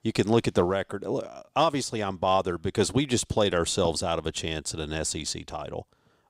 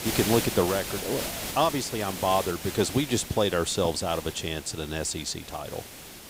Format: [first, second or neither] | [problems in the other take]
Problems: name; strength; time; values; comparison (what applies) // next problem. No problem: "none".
first | hiss; loud; throughout; 7 dB below the speech